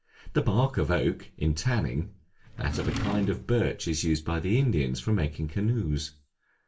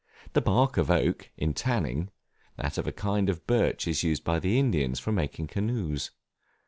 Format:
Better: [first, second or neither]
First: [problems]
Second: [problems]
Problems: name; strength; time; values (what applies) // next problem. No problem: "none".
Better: second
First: background sound (Drawer open or close); 7 dB below the speech // room echo; dies away in 0.2 s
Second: none